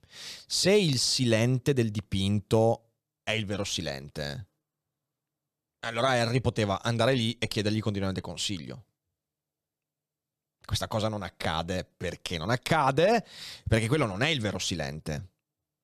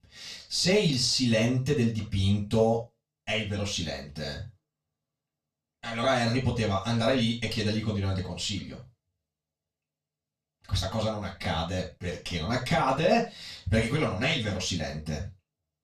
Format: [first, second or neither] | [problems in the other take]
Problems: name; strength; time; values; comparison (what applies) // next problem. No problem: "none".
first | room echo; noticeable; dies away in 0.2 s // off-mic speech; far